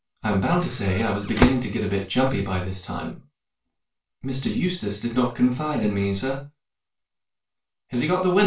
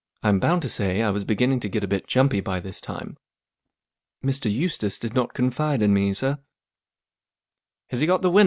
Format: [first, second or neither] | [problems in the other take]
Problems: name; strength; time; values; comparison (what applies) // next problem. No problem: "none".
second | background sound (Squeak / Slam / Wood); 3 dB below the speech // room echo; dies away in 0.2 s